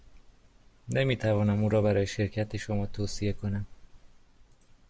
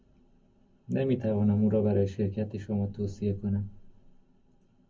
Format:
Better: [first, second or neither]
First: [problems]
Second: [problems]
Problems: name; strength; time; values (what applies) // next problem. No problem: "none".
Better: first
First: none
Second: room echo; dies away in 0.3 s